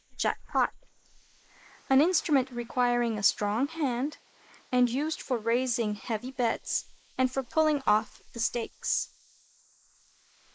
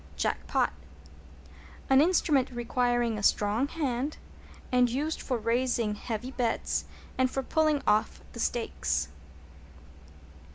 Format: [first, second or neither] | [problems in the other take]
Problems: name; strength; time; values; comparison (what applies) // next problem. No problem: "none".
second | noise reduction (neural mask model Resemble Enhance denoiser)